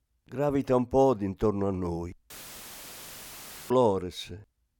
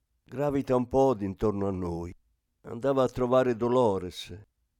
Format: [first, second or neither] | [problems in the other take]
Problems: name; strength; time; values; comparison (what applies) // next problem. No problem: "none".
second | audio cutting out; filled with static; at 2.5 s for 1.5 s